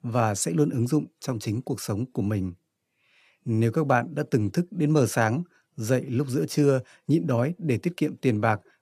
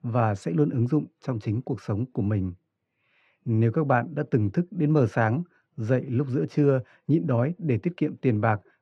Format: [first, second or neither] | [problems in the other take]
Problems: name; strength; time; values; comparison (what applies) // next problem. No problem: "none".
first | muffled; very; fading above 2.5 kHz